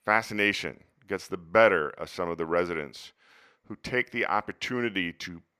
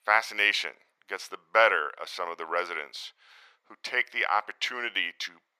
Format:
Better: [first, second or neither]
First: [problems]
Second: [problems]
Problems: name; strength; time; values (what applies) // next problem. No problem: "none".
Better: first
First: none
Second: thin; very; fading below 800 Hz